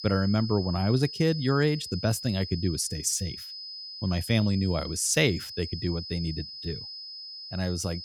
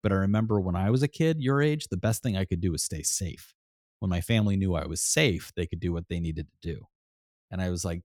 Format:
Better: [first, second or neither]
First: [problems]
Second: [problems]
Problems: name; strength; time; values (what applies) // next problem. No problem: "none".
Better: second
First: high-pitched whine; loud; throughout; 5 kHz, 10 dB below the speech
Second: none